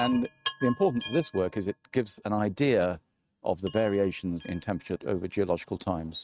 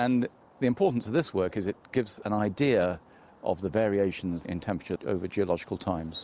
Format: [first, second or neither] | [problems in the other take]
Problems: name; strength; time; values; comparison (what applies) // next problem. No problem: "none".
second | noise reduction (neural mask model RNNoise)